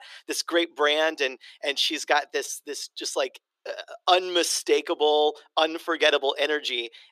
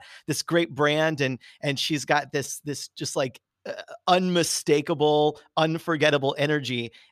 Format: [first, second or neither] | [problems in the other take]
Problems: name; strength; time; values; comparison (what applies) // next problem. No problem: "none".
second | thin; very; fading below 350 Hz